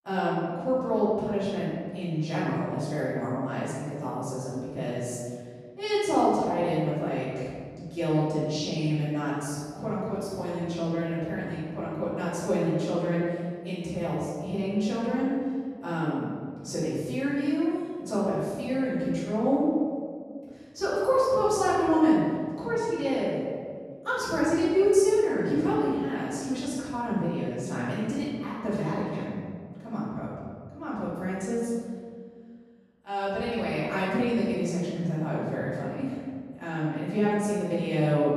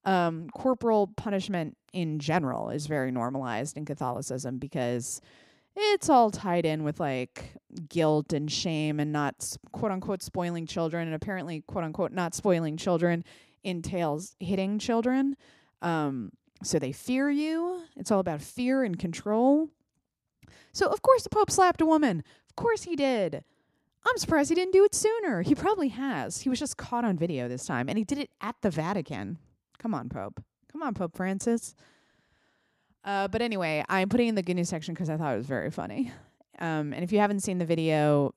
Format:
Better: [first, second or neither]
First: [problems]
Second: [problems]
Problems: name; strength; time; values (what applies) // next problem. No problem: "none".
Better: second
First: off-mic speech; far // room echo; strong; dies away in 1.7 s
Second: none